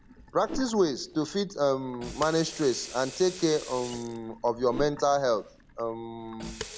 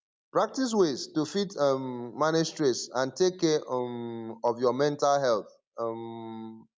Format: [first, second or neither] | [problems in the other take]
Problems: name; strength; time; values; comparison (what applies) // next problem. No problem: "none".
second | background sound (Sink (filling or washing) / Water tap, faucet + Whoosh, swoosh, swish); 14 dB below the speech